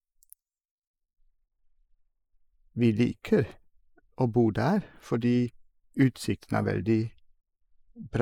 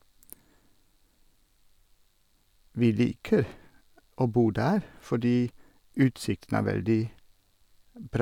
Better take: second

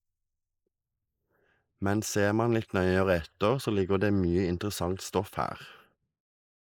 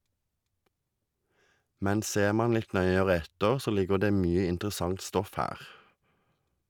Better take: second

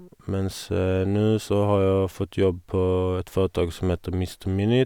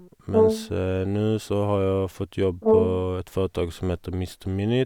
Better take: first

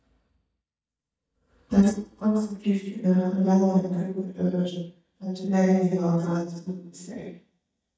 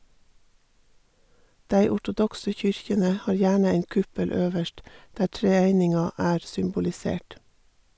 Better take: second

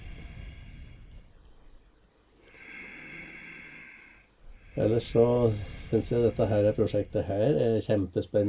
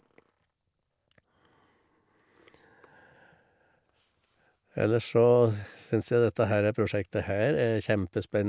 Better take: second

